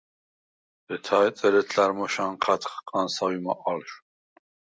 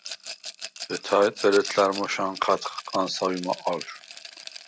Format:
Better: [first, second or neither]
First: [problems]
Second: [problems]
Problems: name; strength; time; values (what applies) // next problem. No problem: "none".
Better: first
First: none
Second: background sound (Rattle); 13 dB below the speech